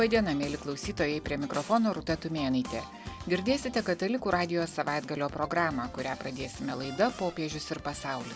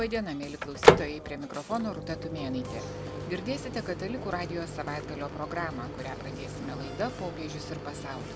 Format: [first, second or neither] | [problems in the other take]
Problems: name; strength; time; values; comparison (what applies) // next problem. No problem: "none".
first | background sound (Microwave oven); 4 dB above the speech